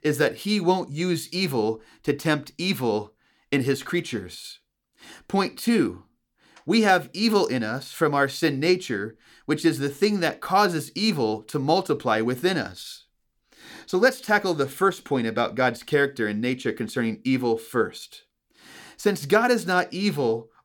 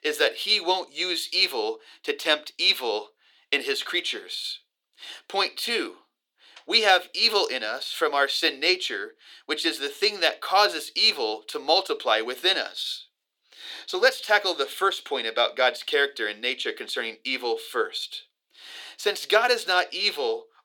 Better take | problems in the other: first | thin; very; fading below 400 Hz

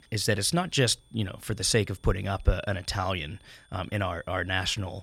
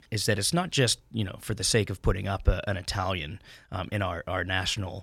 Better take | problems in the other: second | high-pitched whine; faint; throughout; 3.5 kHz, 35 dB below the speech

